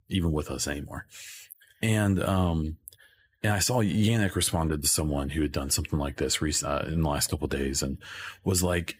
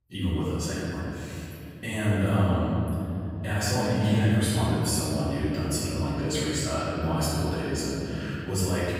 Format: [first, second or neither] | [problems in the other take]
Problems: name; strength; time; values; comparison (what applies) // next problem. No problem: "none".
first | off-mic speech; far // room echo; strong; dies away in 3 s